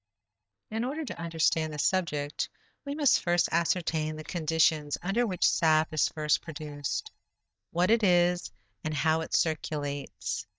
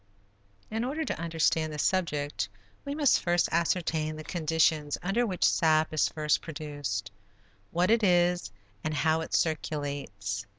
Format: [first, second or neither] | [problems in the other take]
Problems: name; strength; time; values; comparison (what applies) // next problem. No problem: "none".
second | noise reduction (neural mask model DeepFilterNet 3)